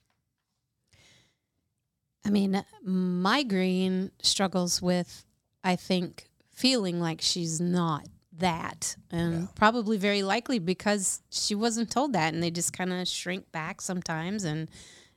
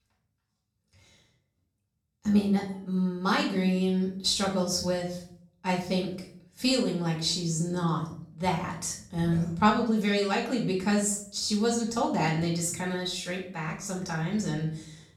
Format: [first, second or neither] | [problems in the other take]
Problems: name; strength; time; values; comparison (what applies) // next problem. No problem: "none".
first | off-mic speech; far // room echo; noticeable; dies away in 0.5 s